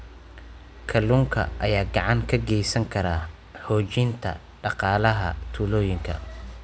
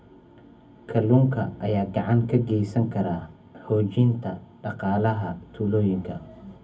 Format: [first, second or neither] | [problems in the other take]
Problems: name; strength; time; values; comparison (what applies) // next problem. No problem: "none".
first | room echo; dies away in 0.3 s